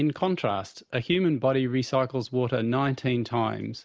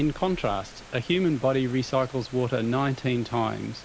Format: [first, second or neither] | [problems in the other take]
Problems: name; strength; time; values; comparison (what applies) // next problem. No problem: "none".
first | background sound (Rain); 18 dB below the speech